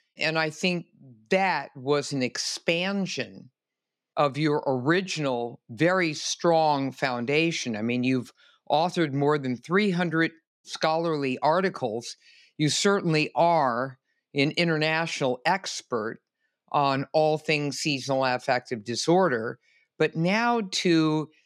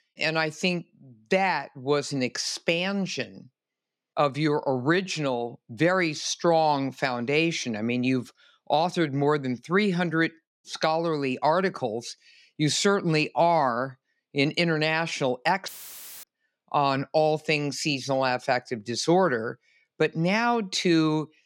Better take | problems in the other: first | audio cutting out; filled with static; at 16 s for 0.5 s

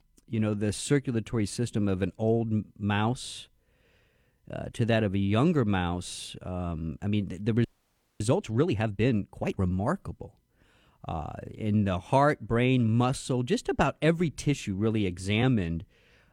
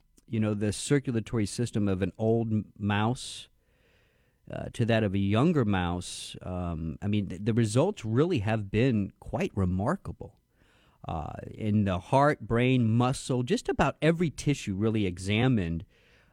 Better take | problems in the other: second | audio freezing; at 7.5 s for 0.5 s

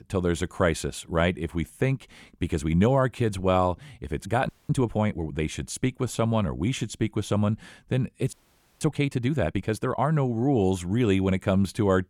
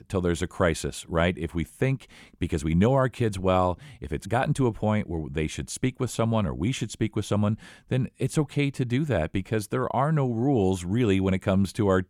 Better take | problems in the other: second | audio freezing; at 4.5 s and at 8.5 s

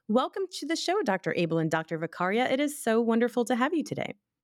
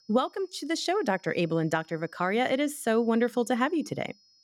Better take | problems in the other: first | high-pitched whine; faint; throughout; 5 kHz, 30 dB below the speech

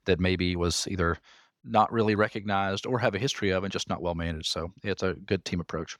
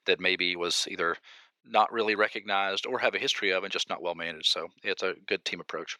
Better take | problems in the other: first | thin; somewhat; fading below 400 Hz

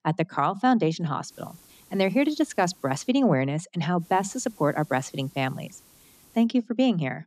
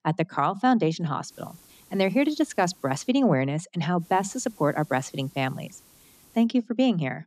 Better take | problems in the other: neither | hiss; faint; from 1.5 to 3 s and from 4 to 6.5 s; 30 dB below the speech; the same in both

